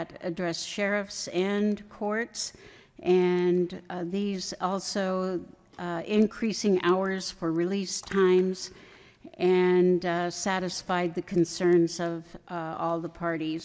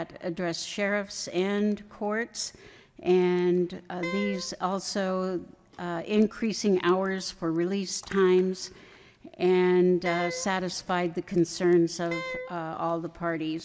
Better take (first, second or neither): first